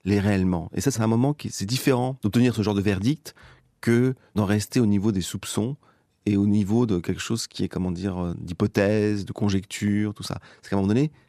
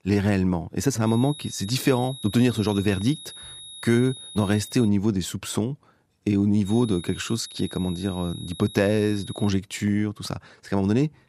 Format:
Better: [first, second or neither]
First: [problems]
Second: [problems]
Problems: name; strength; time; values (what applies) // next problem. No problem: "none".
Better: first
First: none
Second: high-pitched whine; noticeable; from 1 to 5 s and from 6.5 to 9.5 s; 4 kHz, 15 dB below the speech